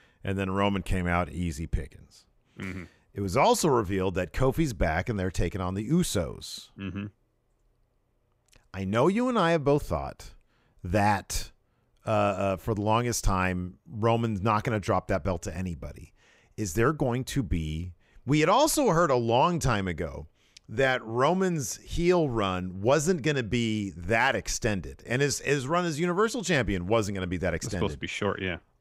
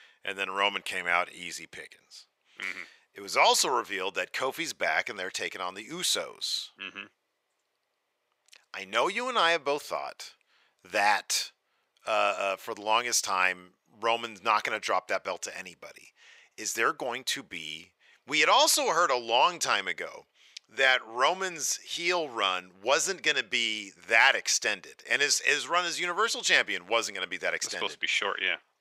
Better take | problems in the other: first | thin; very; fading below 650 Hz

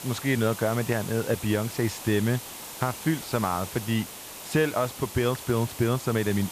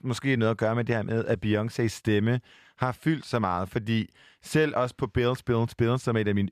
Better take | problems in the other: second | hiss; noticeable; throughout; 10 dB below the speech

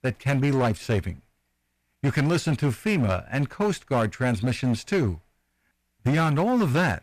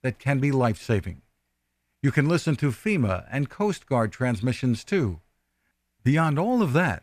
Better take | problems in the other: second | distortion; slight; 11% of the sound clipped

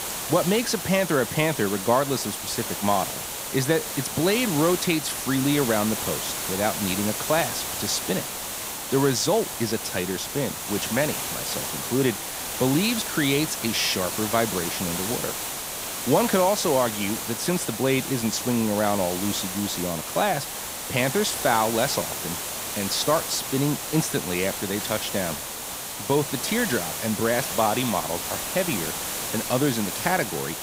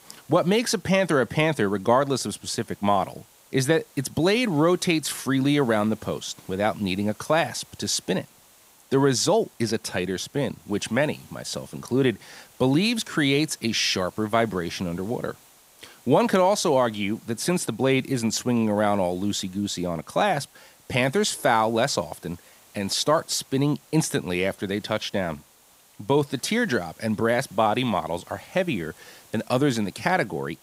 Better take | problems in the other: second | hiss; loud; throughout; 3 dB below the speech; faint in the second

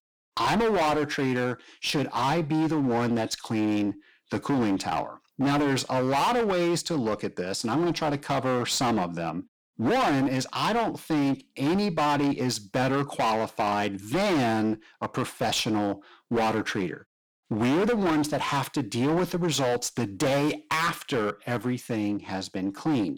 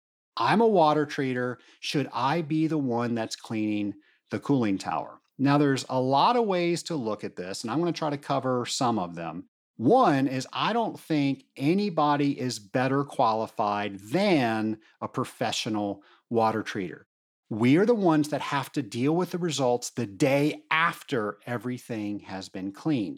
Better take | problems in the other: second | distortion; heavy; 21% of the sound clipped

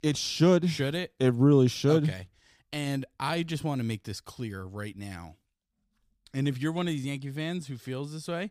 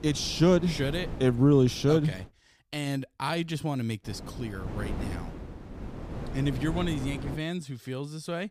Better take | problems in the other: first | wind noise on the microphone; occasional gusts; until 2.5 s and from 4 to 7.5 s; 15 dB below the speech

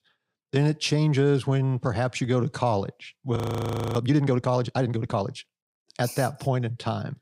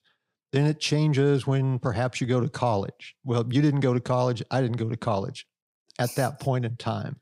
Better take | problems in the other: second | audio freezing; at 3.5 s for 0.5 s

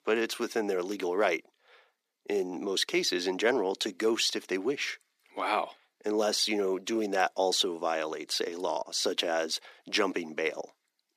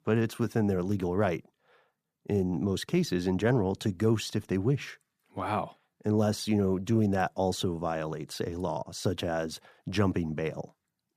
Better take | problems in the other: second | thin; somewhat; fading below 300 Hz

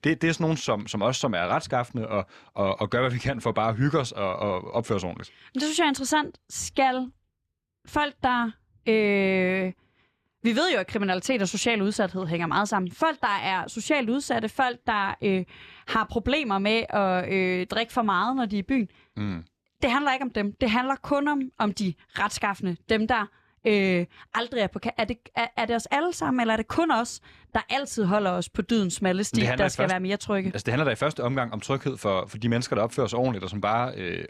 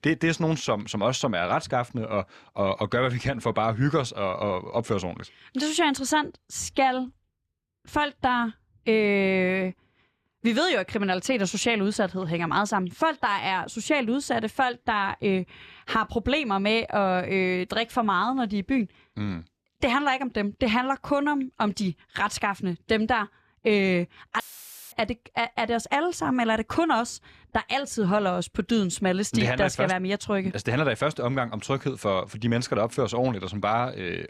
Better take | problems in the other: first | audio cutting out; filled with static; at 24 s for 0.5 s

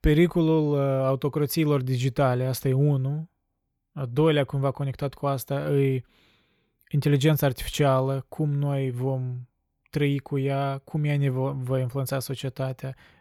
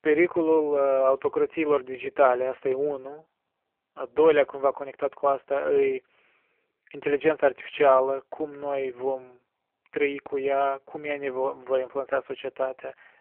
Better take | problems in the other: first | phone-call audio; poor line; nothing above 3 kHz

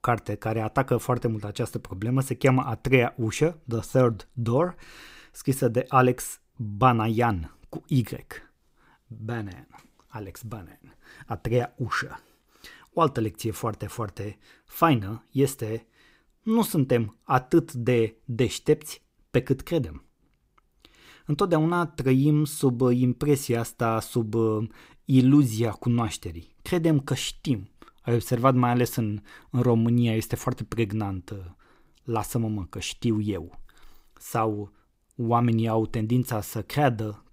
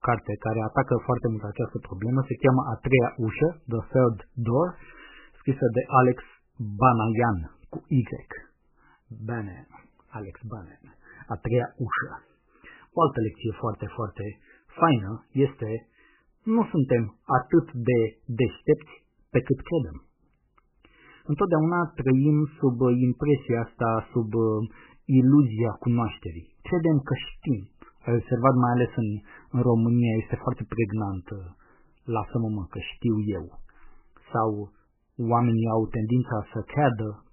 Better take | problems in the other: first | garbled, watery; badly; nothing above 3 kHz

